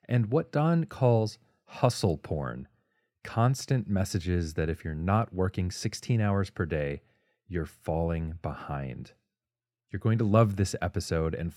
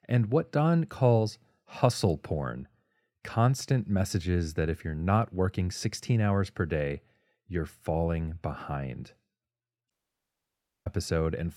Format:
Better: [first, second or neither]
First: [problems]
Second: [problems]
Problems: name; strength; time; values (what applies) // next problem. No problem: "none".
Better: first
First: none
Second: audio cutting out; at 10 s for 1 s